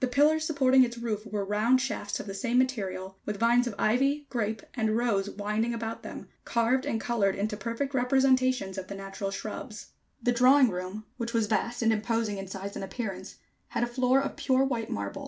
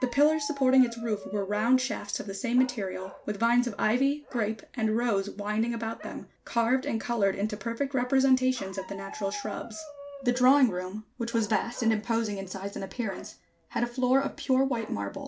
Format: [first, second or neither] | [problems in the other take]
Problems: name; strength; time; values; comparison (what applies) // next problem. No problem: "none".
first | background sound (Bark); 19 dB below the speech